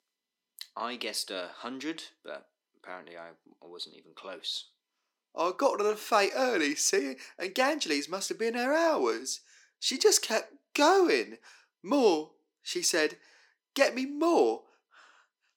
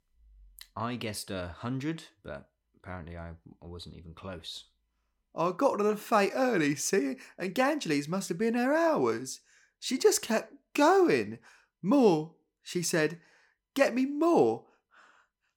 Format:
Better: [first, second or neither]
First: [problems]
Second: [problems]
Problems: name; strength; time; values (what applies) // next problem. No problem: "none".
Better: second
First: thin; very slightly; fading below 300 Hz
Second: none